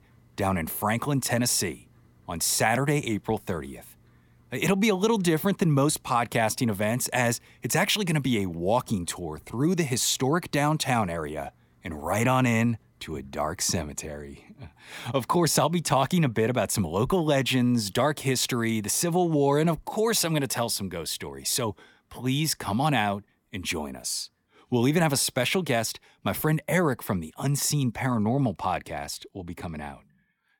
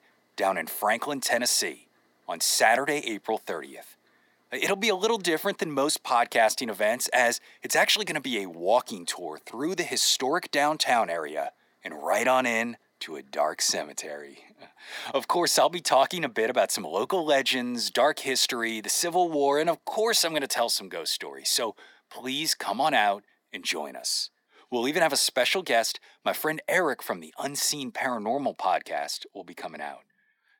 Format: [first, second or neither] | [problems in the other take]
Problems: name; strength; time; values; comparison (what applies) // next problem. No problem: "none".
first | thin; somewhat; fading below 300 Hz